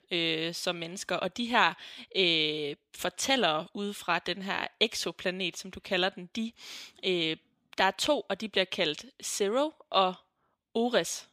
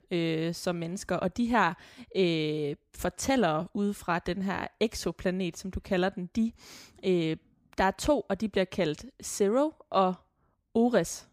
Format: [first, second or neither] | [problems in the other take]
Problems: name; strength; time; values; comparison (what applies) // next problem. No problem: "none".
second | thin; very slightly; fading below 850 Hz